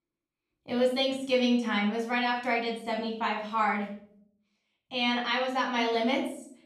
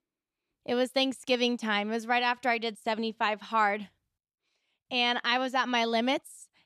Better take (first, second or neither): second